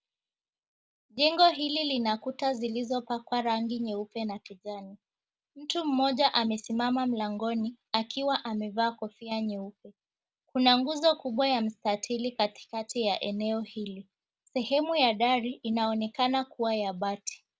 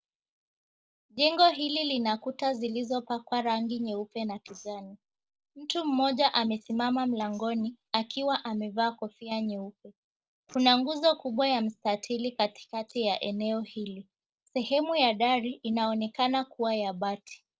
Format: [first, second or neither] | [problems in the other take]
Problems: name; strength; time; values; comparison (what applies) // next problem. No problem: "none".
first | noise reduction (neural separator model SepFormer DNS4)